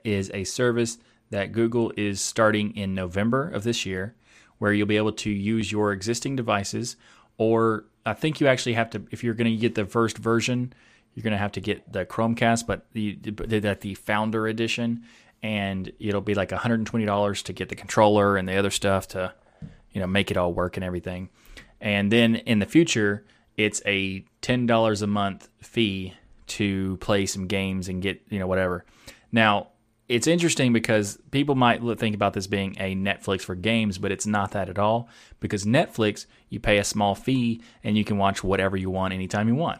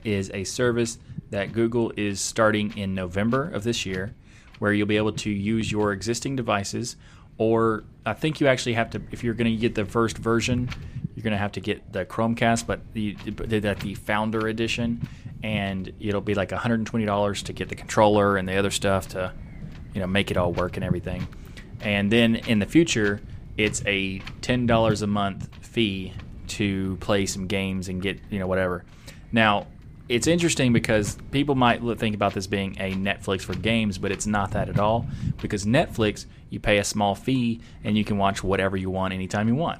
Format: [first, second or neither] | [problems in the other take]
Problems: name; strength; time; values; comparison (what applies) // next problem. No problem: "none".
first | wind noise on the microphone; occasional gusts; 20 dB below the speech